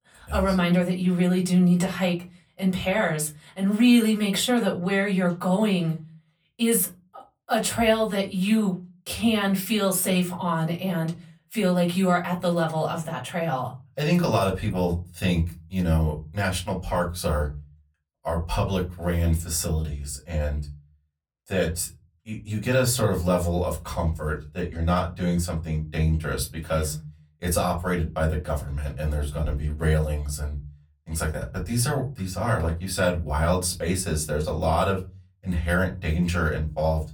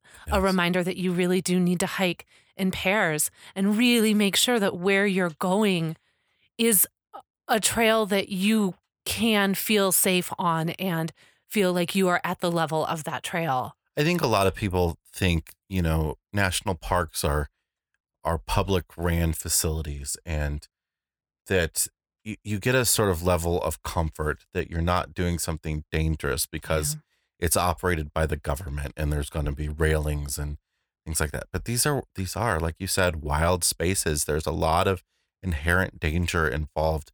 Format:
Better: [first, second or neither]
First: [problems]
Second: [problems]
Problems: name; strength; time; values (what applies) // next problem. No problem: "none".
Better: second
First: off-mic speech; far // room echo; very slight; dies away in 0.3 s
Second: none